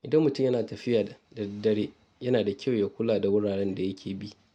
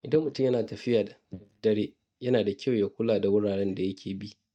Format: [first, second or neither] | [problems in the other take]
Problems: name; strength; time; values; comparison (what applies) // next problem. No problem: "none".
first | noise reduction (neural mask model DeepFilterNet 3)